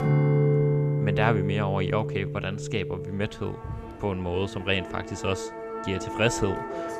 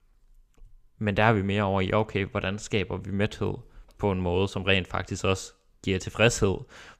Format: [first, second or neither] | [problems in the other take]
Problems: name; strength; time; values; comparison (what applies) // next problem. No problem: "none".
second | background music; very loud; throughout; as loud as the speech